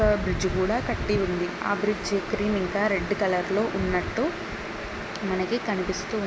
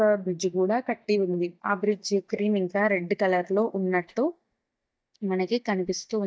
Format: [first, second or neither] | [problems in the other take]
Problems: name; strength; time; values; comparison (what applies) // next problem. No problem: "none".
first | noise reduction (neural mask model DeepFilterNet 3)